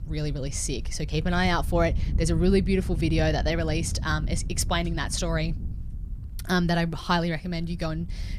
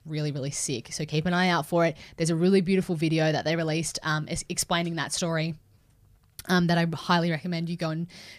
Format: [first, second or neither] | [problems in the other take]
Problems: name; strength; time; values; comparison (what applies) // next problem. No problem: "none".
second | wind noise on the microphone; occasional gusts; 20 dB below the speech